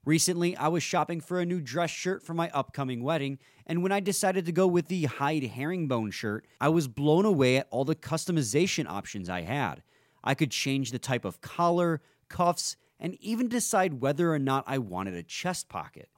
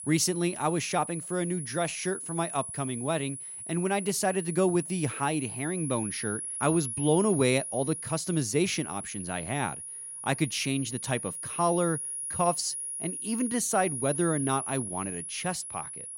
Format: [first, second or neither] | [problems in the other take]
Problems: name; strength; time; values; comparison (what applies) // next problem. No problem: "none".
first | high-pitched whine; loud; throughout; 10.5 kHz, 5 dB below the speech